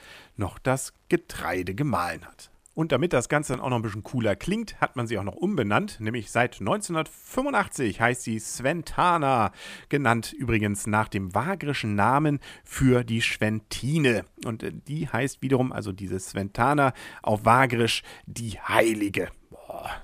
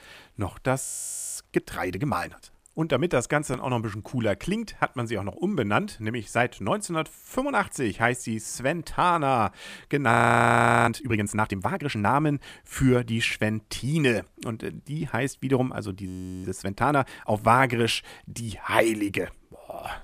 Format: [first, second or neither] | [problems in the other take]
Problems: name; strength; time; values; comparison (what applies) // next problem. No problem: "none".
first | audio freezing; at 1 s for 0.5 s, at 10 s for 0.5 s and at 16 s